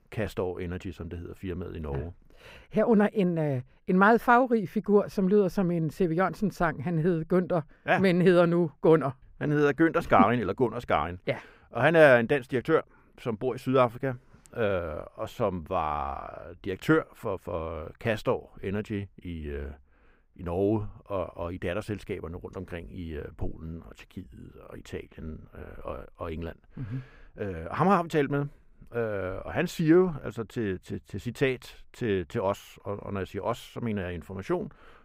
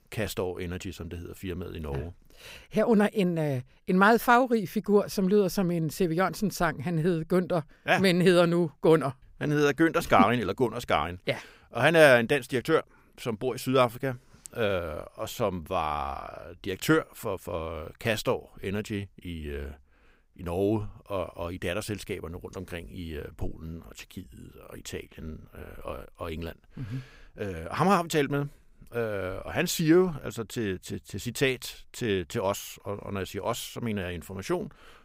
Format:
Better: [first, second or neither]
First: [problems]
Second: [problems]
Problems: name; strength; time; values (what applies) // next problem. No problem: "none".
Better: second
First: muffled; slightly; fading above 3 kHz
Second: none